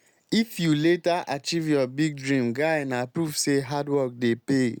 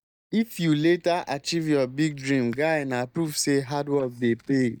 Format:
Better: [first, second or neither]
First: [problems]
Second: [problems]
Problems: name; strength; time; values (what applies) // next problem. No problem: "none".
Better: first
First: none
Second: noise reduction (neural mask model DeepFilterNet 3)